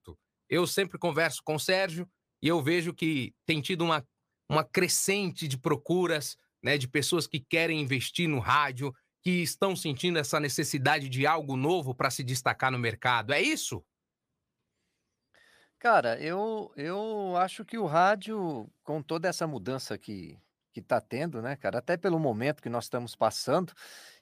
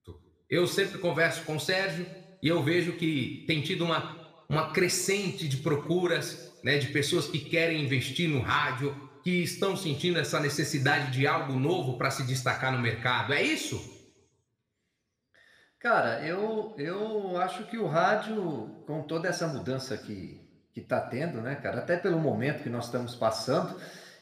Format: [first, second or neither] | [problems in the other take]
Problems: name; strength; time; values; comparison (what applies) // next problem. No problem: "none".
first | room echo; slight; dies away in 0.8 s